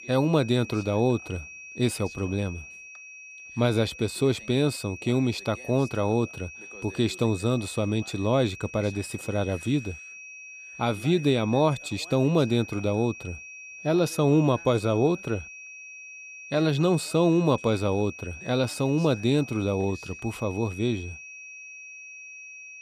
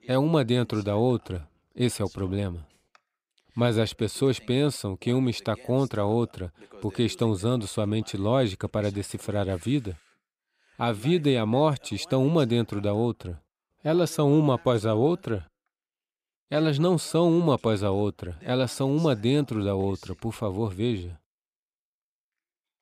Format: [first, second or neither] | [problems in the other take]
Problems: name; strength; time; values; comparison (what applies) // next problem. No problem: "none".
second | high-pitched whine; noticeable; throughout; 2.5 kHz, 15 dB below the speech